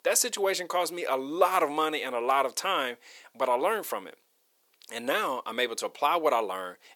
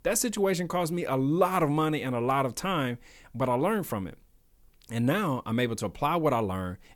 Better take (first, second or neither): second